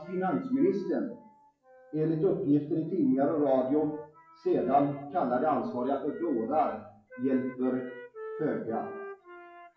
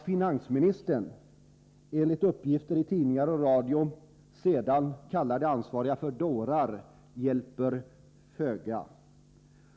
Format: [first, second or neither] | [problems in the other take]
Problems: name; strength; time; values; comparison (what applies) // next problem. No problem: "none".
second | noise reduction (classical method WPE with log-MMSE)